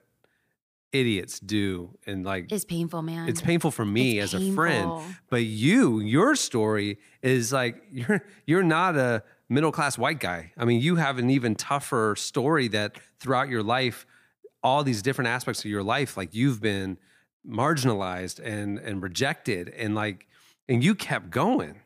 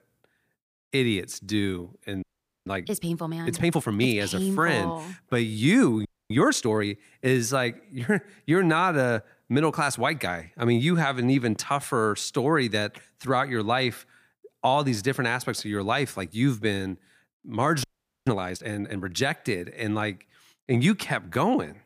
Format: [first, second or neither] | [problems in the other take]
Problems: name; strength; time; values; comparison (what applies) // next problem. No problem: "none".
first | audio freezing; at 2 s, at 6 s and at 18 s